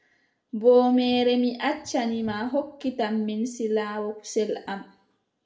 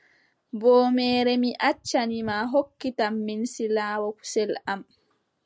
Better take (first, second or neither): second